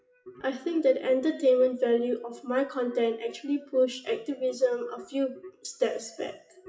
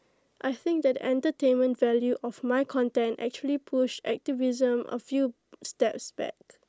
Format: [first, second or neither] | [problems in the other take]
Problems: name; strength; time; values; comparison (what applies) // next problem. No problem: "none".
second | noise reduction (classical method WPE with log-MMSE)